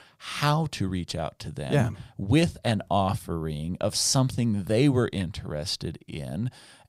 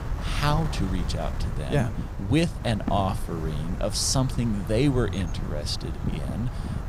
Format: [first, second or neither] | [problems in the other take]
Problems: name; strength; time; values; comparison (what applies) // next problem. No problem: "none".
first | wind noise on the microphone; occasional gusts; 10 dB below the speech